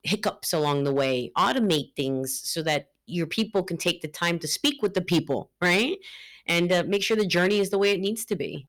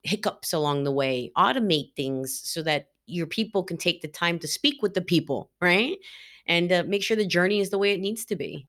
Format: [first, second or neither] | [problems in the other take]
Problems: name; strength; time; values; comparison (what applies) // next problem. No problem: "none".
second | distortion; slight; 4% of the sound clipped